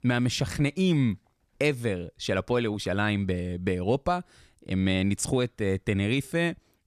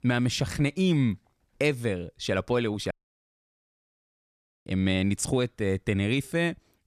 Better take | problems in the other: first | audio cutting out; at 3 s for 2 s

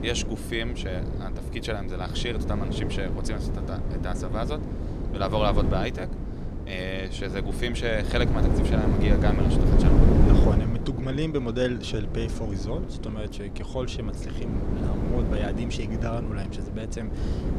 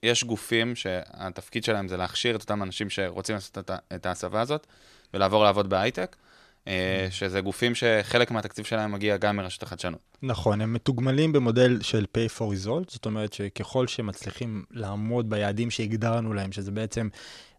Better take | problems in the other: second | wind noise on the microphone; heavy; 3 dB below the speech

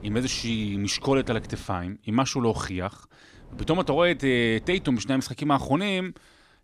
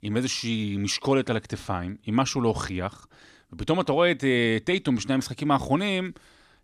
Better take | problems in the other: second | wind noise on the microphone; occasional gusts; until 1.5 s and from 3.5 to 5 s; 25 dB below the speech

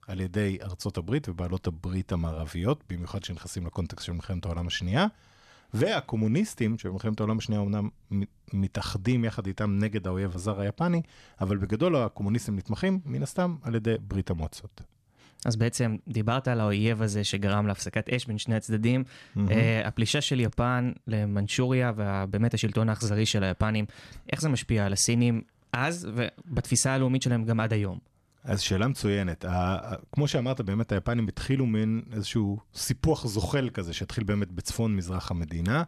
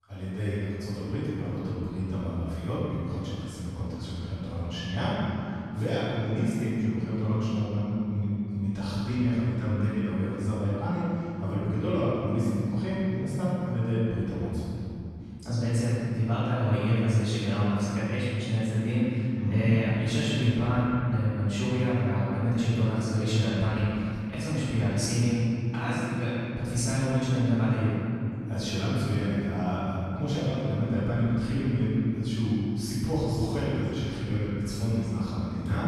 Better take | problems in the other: first | off-mic speech; far // room echo; strong; dies away in 3 s

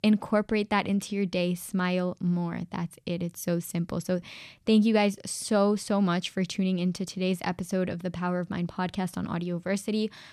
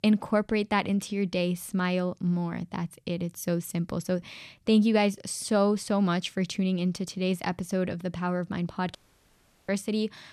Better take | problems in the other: first | audio cutting out; at 9 s for 0.5 s

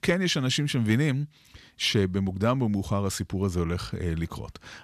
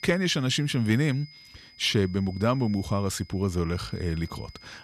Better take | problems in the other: first | high-pitched whine; faint; throughout; 5 kHz, 20 dB below the speech

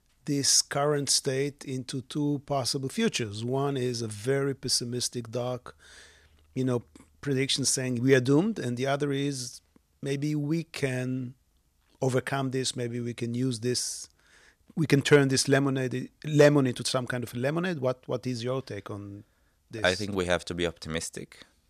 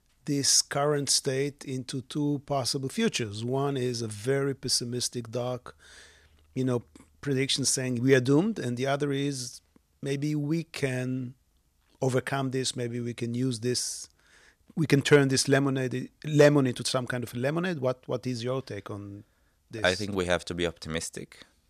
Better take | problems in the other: neither | none

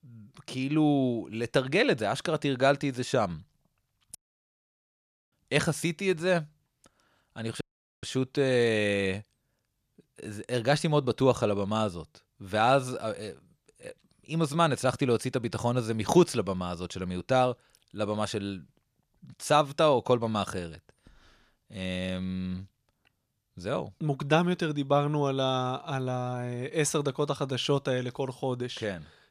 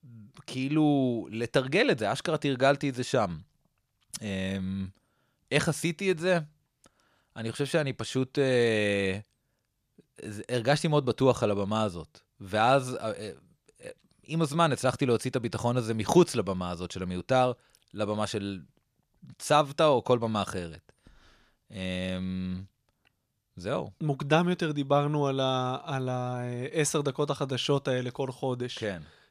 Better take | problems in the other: second | audio cutting out; at 4 s for 1 s and at 7.5 s

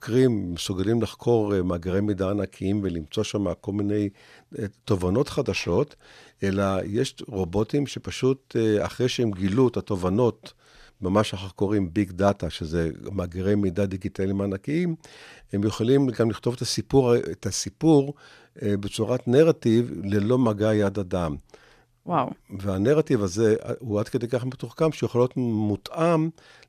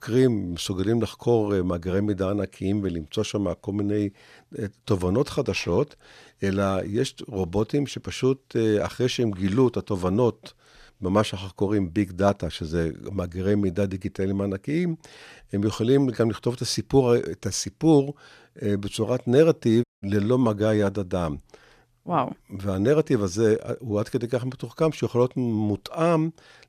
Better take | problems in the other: first | audio cutting out; at 20 s

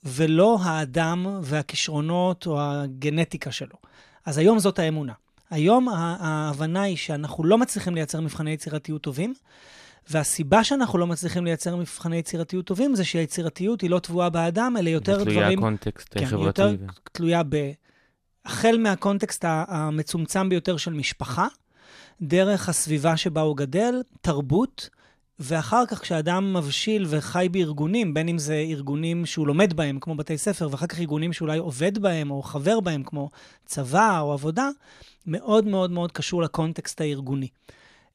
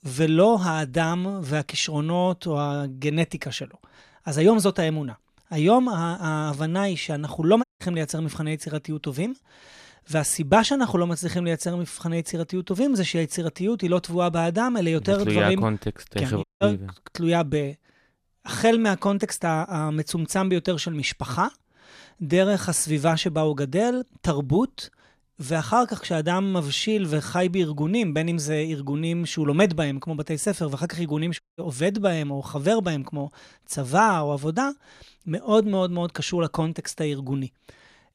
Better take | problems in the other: first | audio cutting out; at 7.5 s, at 16 s and at 31 s

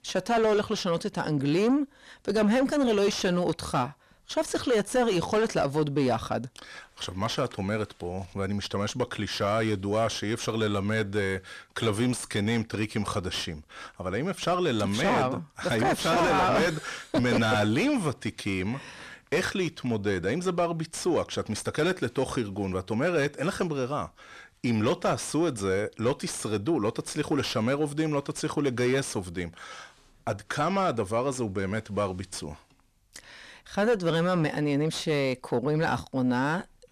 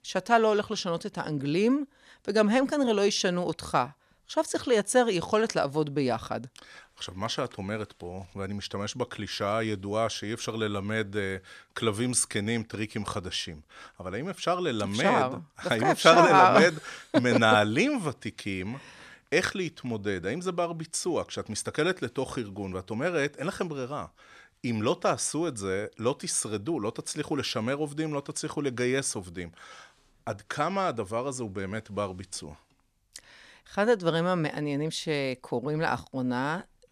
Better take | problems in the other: second | distortion; heavy; 6 dB below the speech

